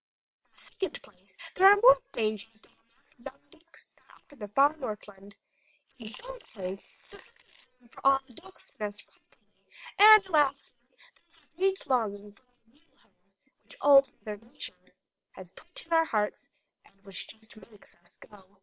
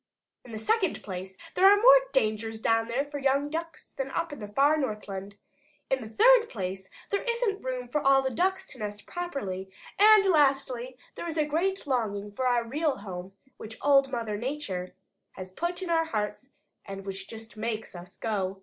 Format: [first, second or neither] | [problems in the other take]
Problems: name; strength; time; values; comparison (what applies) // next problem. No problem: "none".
second | noise reduction (neural separator model SepFormer WHAM!)